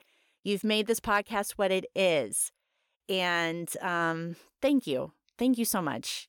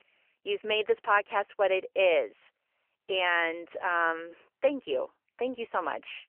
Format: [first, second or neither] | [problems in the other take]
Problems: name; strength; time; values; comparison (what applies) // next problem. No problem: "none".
first | phone-call audio; nothing above 3 kHz